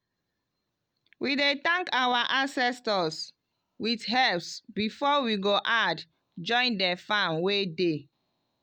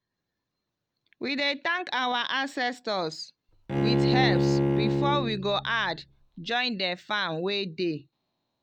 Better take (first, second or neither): first